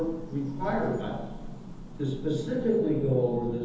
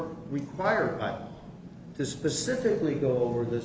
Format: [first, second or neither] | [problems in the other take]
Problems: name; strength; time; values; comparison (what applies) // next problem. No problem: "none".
second | background sound (Bird vocalization, bird call, bird song); 13 dB below the speech // room echo; dies away in 1.3 s